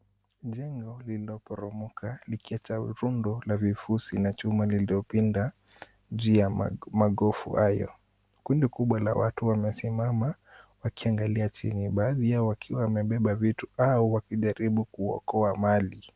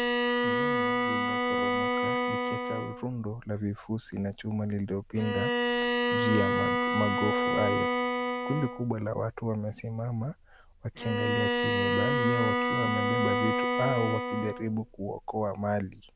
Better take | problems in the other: first | background sound (Bowed string instrument); 3 dB above the speech

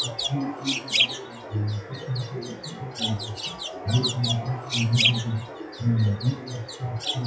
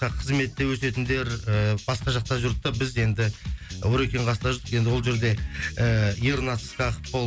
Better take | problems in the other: second | noise reduction (classical method WPE with log-MMSE)

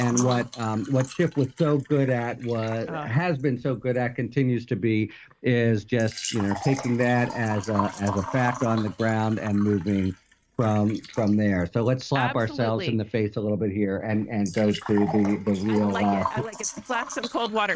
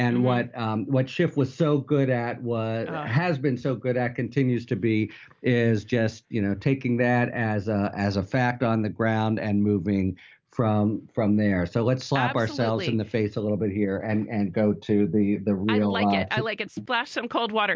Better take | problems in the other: second | noise reduction (neural mask model RNNoise)

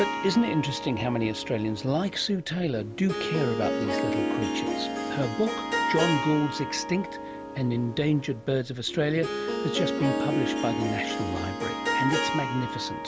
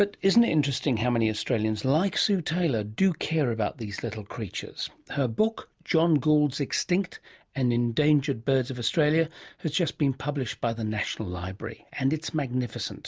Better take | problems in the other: second | background sound (Harp); 2 dB below the speech

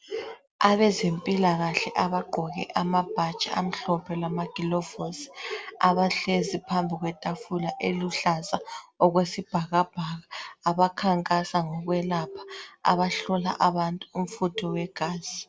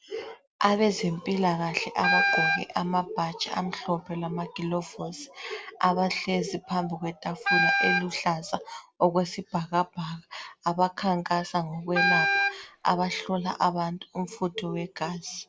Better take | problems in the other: first | background sound (Wind instrument, woodwind instrument); 2 dB above the speech

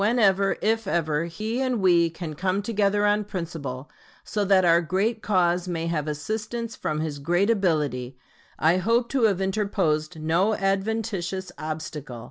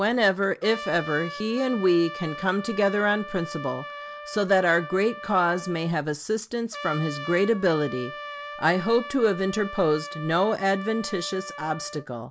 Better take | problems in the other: first | background sound (Trumpet); 13 dB below the speech

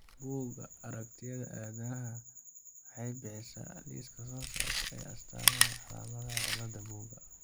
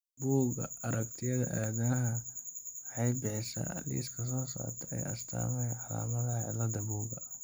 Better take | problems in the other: second | background sound (Chewing, mastication); 5 dB above the speech

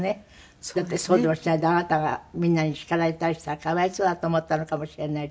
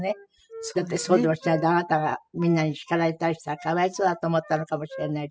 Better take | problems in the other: first | noise reduction (classical method spectral subtraction)

